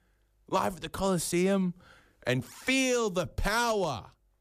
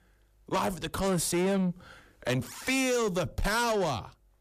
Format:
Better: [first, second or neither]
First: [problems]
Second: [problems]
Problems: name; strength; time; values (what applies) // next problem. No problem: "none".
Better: first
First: none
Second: distortion; slight; 10 dB below the speech